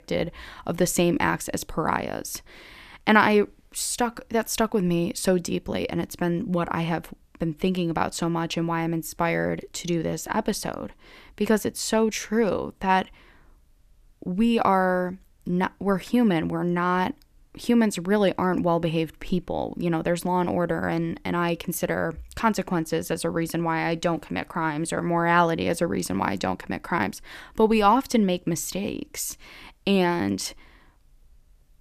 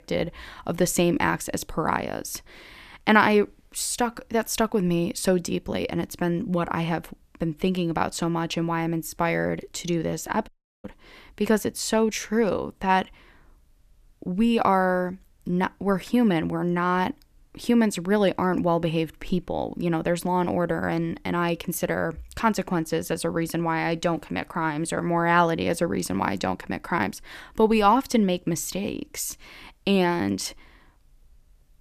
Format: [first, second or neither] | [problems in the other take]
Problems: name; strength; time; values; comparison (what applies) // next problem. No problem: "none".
first | audio cutting out; at 10 s